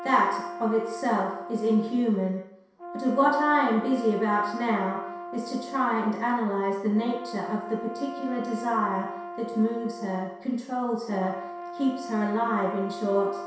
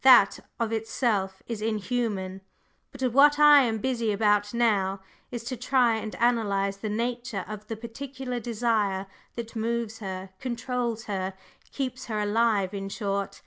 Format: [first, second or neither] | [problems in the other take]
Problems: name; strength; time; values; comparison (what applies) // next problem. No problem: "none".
second | background sound (Brass instrument); 11 dB below the speech // room echo; dies away in 0.7 s